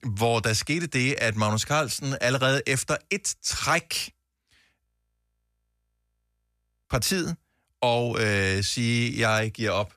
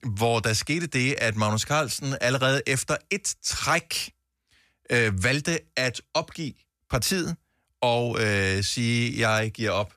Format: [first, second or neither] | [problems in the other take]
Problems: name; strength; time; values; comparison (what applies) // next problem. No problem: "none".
second | audio freezing; at 5 s for 2 s